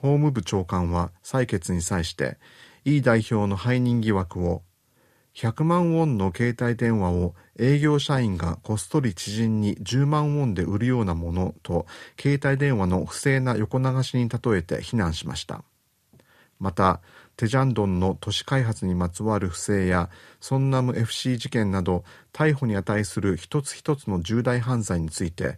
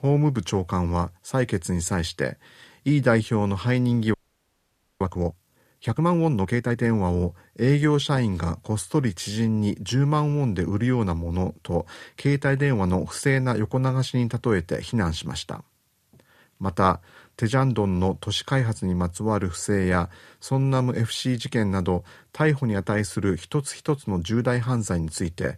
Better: first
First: none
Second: audio freezing; at 4 s for 1 s

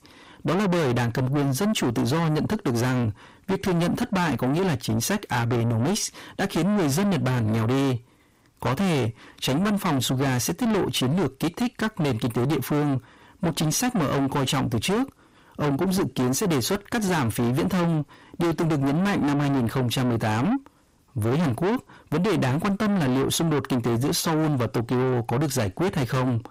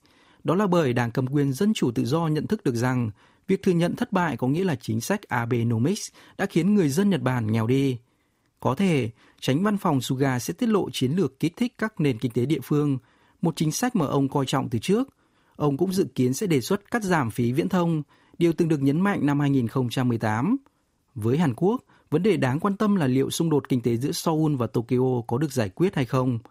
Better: second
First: distortion; heavy; 6 dB below the speech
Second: none

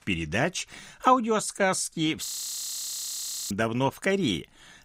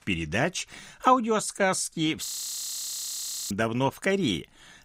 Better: neither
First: audio freezing; at 2.5 s for 1.5 s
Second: audio freezing; at 2.5 s for 1.5 s

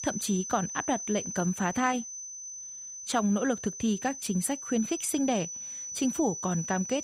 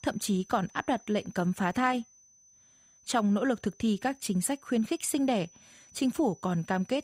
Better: second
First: high-pitched whine; loud; throughout; 6 kHz, 7 dB below the speech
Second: high-pitched whine; faint; throughout; 6 kHz, 25 dB below the speech

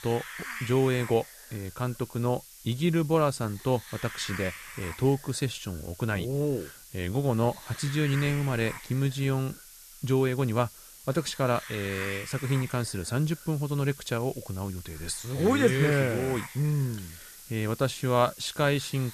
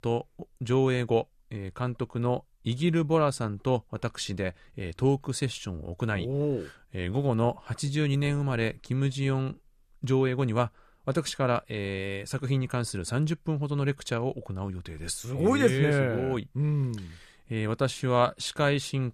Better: second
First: hiss; noticeable; throughout; 15 dB below the speech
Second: none

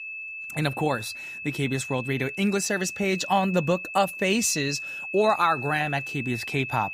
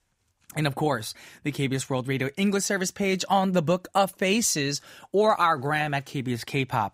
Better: second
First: high-pitched whine; loud; throughout; 2.5 kHz, 8 dB below the speech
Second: none

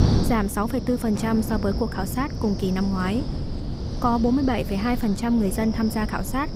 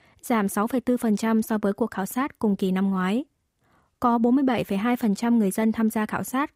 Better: second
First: wind noise on the microphone; heavy; 10 dB below the speech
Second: none

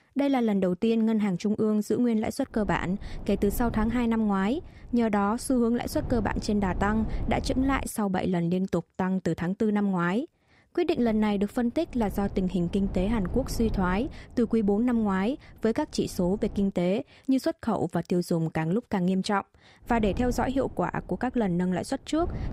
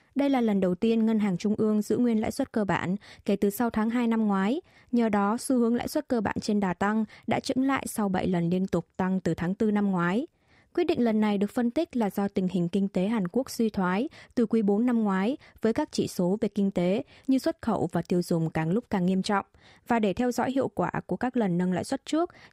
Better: second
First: wind noise on the microphone; occasional gusts; from 2.5 to 8 s, from 11 to 17 s and from 20 s on; 20 dB below the speech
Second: none

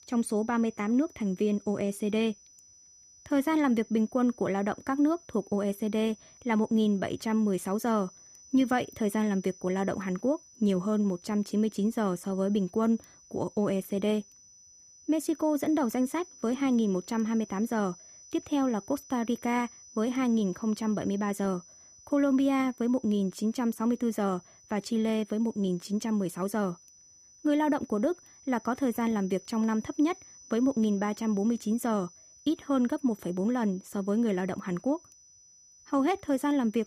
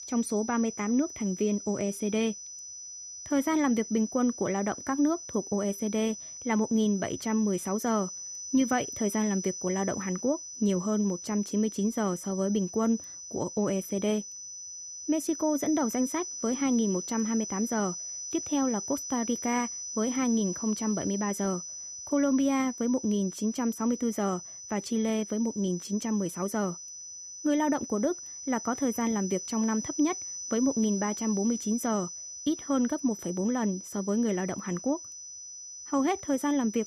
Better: first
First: high-pitched whine; faint; throughout; 6 kHz, 25 dB below the speech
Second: high-pitched whine; loud; throughout; 6 kHz, 8 dB below the speech

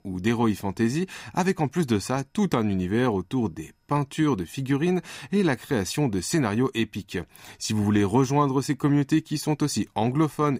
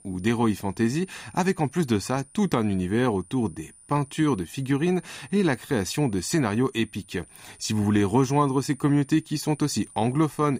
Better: first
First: none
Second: high-pitched whine; faint; throughout; 9.5 kHz, 25 dB below the speech

